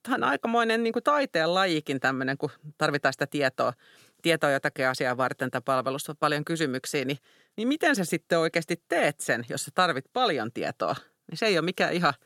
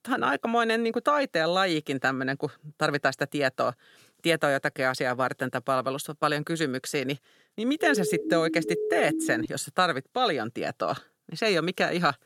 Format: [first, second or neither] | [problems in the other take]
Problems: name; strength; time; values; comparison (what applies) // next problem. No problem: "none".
first | siren; noticeable; from 8 to 9.5 s; peak 3 dB below the speech